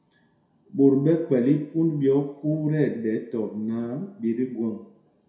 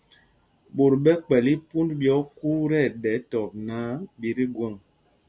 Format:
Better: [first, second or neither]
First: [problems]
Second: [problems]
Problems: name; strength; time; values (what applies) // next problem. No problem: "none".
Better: second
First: room echo; dies away in 0.6 s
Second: none